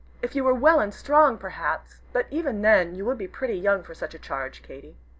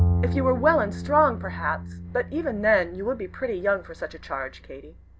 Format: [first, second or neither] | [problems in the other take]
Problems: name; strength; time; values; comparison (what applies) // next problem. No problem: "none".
first | background sound (Bowed string instrument); 5 dB below the speech